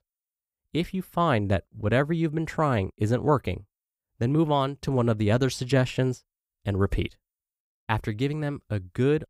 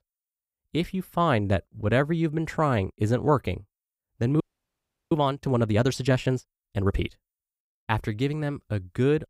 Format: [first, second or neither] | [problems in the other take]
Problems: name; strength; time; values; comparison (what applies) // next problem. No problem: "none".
first | audio freezing; at 4.5 s for 0.5 s